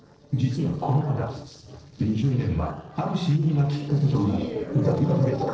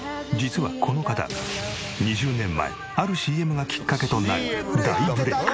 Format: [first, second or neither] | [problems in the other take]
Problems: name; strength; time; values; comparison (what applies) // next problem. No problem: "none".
second | noise reduction (neural separator model SepFormer DNS4)